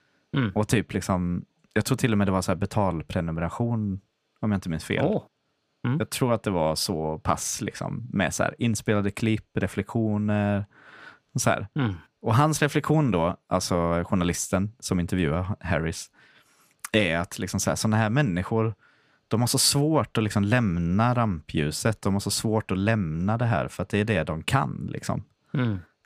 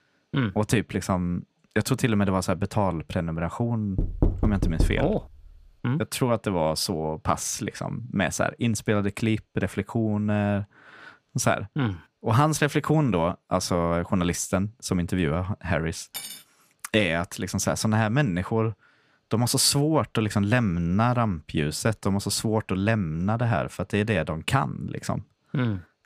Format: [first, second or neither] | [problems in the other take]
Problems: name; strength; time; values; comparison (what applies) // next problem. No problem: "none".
first | door banging; noticeable; from 4 to 5 s; peak level with the speech // clattering dishes; noticeable; at 16 s; peak 10 dB below the speech